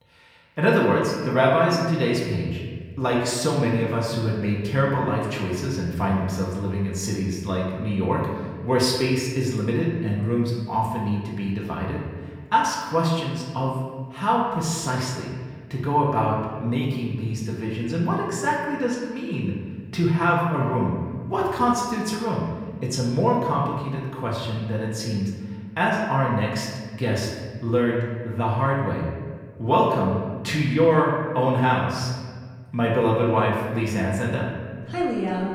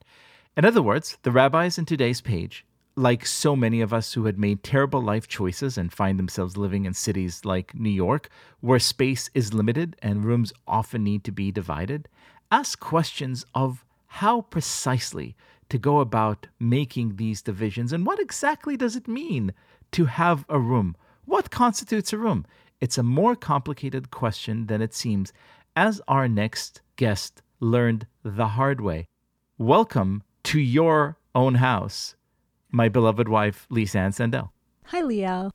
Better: second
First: room echo; noticeable; dies away in 1.4 s // off-mic speech; far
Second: none

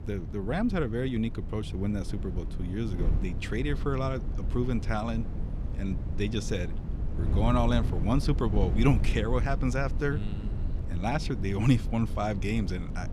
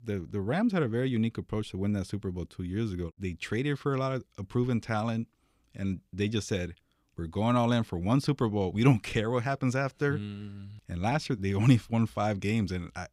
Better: second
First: wind noise on the microphone; occasional gusts; 10 dB below the speech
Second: none

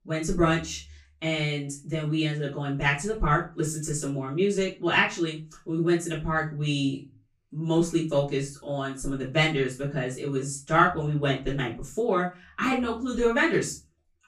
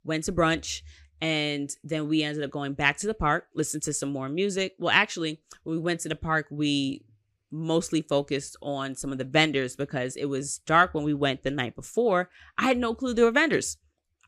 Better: second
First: room echo; slight; dies away in 0.3 s // off-mic speech; far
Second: none

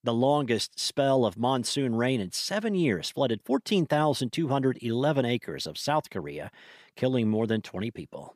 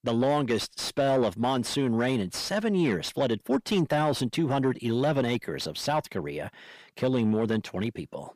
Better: first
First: none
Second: distortion; slight; 10 dB below the speech

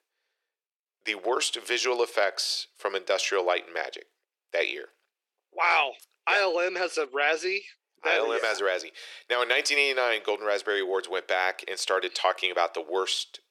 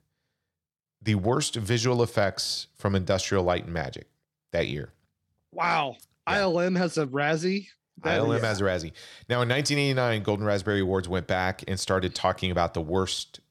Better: second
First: thin; very; fading below 400 Hz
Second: none

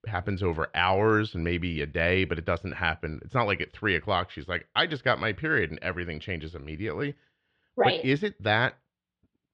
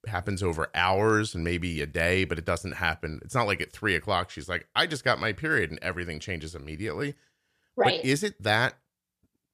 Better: second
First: muffled; slightly; fading above 3.5 kHz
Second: none

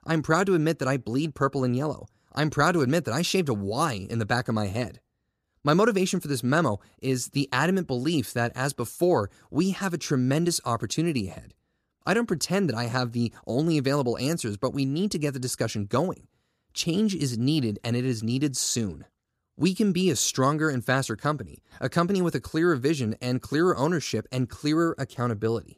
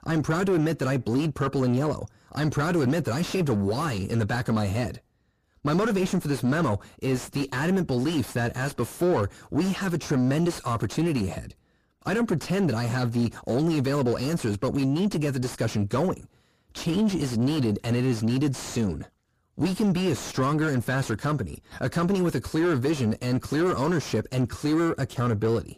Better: first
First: none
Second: distortion; heavy; 6 dB below the speech

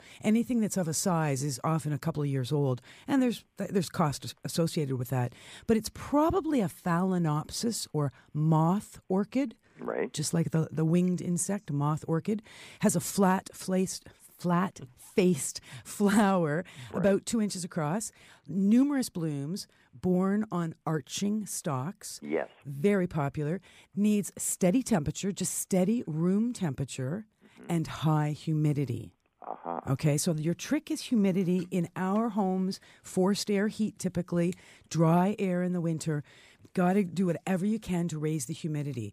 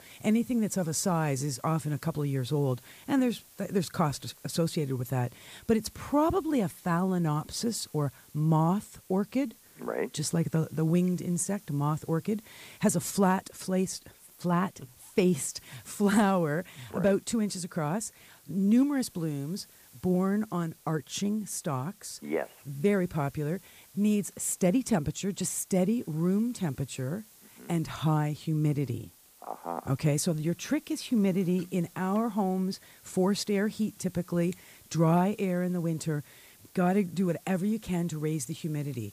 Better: first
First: none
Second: hiss; faint; throughout; 25 dB below the speech

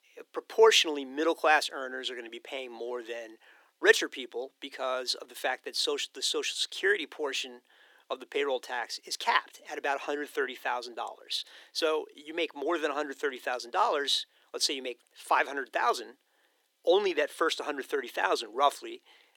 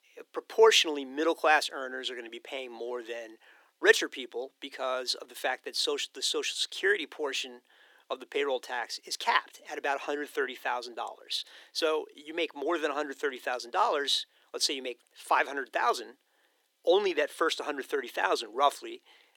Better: neither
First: thin; very; fading below 350 Hz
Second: thin; very; fading below 350 Hz

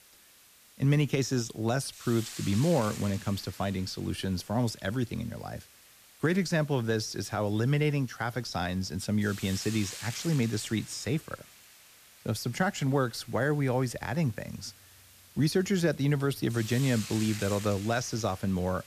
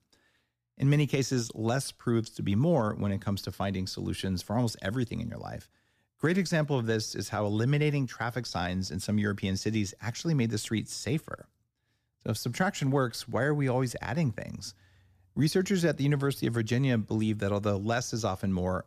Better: second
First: hiss; noticeable; throughout; 15 dB below the speech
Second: none

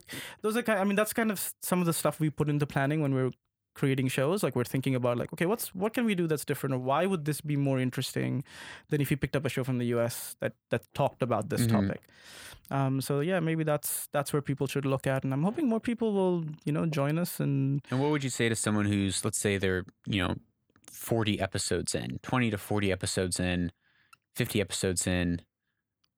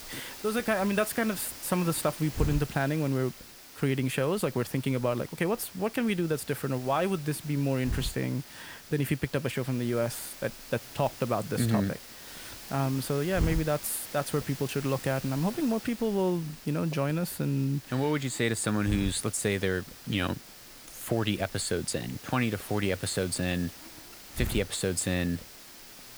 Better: first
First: none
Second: hiss; noticeable; throughout; 10 dB below the speech

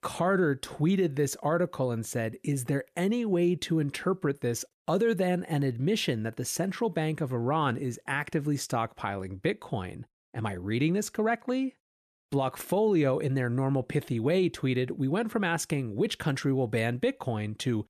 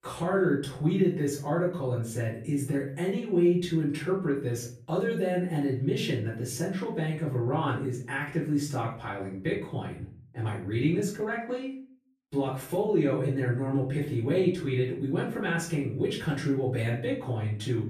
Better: first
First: none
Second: off-mic speech; far // room echo; slight; dies away in 0.4 s

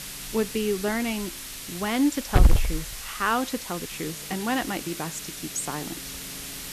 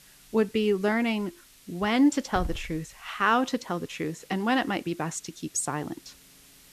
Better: second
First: hiss; loud; throughout; 2 dB below the speech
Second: hiss; faint; throughout; 20 dB below the speech

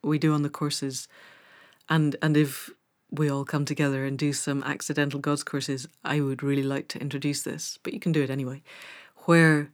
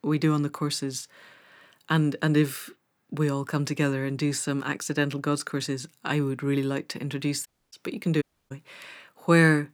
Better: first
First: none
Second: audio cutting out; at 7.5 s and at 8 s

